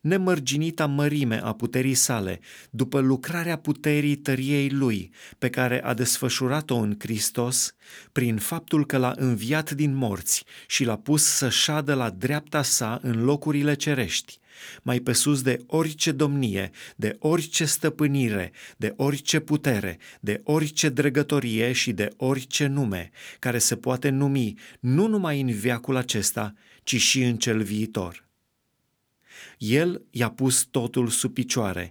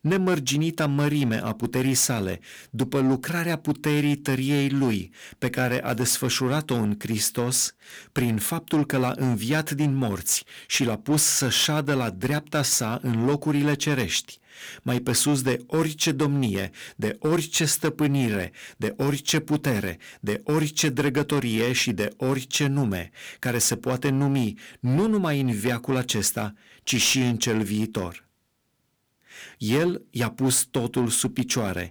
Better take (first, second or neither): first